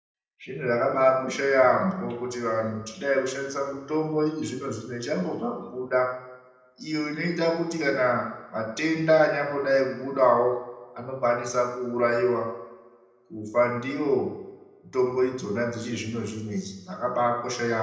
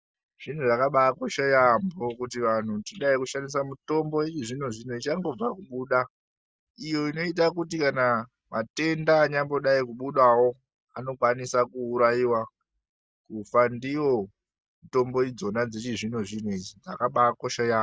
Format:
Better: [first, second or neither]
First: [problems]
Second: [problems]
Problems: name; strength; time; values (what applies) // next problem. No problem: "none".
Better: second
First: room echo; dies away in 0.8 s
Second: none